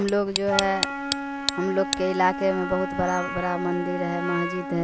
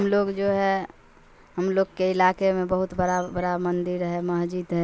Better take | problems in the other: second | background sound (Tick + Wind instrument, woodwind instrument); 4 dB below the speech

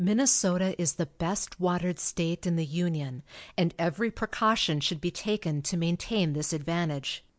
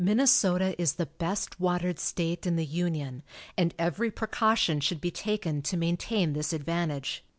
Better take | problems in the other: second | noise reduction (neural mask model Resemble Enhance denoiser)

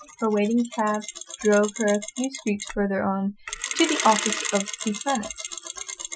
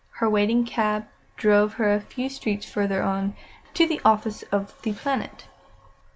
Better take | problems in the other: second | noise reduction (classical method Wiener filter)

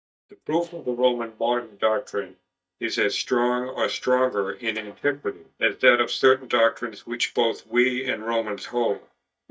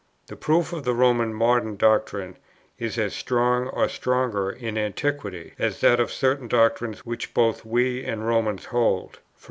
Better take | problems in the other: second | noise reduction (neural mask model DeepFilterNet 3)

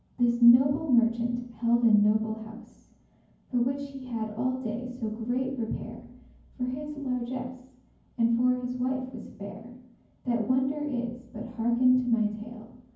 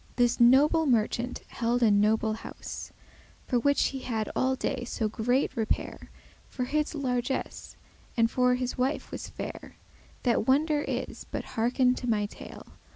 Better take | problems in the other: second | room echo; dies away in 0.9 s

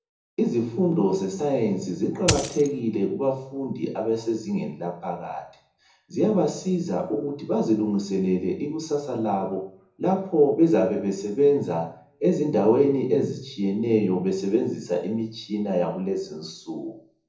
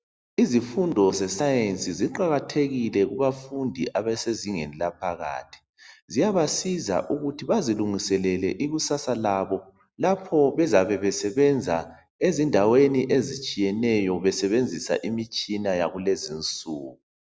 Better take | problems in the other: second | background sound (Coin (dropping)); 3 dB below the speech // room echo; dies away in 0.6 s

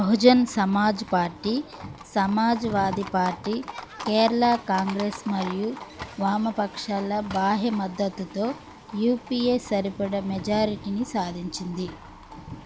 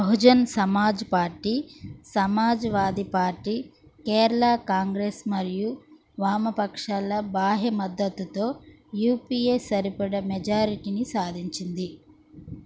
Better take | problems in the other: second | background sound (Livestock, farm animals, working animals); 16 dB below the speech

